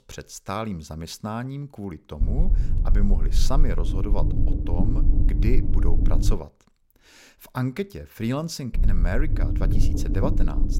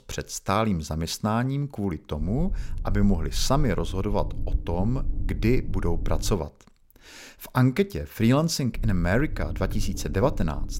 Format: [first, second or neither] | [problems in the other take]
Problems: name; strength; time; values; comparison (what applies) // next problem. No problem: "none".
second | low rumble; loud; from 2 to 6.5 s and from 8.5 s on; 5 dB below the speech; faint in the second